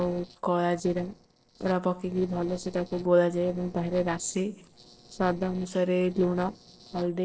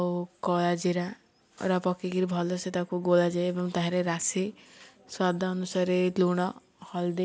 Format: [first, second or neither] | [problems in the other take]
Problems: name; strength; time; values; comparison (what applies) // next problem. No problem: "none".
second | noise reduction (neural separator model SepFormer DNS4)